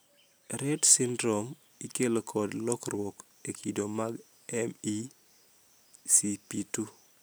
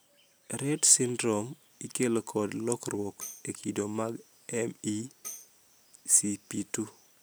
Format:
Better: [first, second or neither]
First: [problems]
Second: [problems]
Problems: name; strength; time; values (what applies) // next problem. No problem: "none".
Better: first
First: none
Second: background sound (Tambourine); 18 dB below the speech